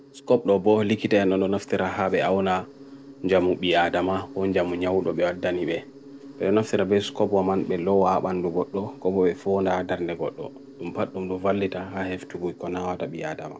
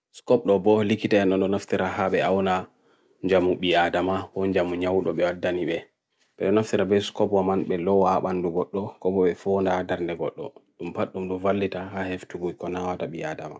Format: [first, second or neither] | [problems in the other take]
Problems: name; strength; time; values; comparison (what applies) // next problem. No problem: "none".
second | background sound (Insect); 19 dB below the speech